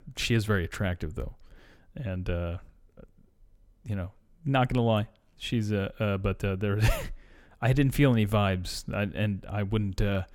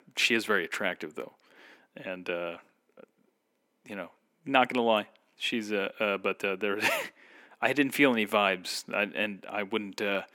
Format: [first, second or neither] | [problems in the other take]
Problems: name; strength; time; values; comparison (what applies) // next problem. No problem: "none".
first | thin; somewhat; fading below 250 Hz